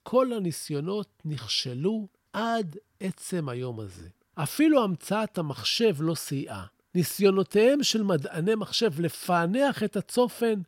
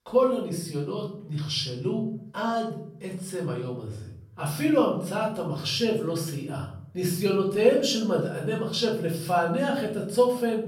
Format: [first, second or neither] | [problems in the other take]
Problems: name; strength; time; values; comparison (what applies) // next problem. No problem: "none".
first | off-mic speech; far // room echo; noticeable; dies away in 0.6 s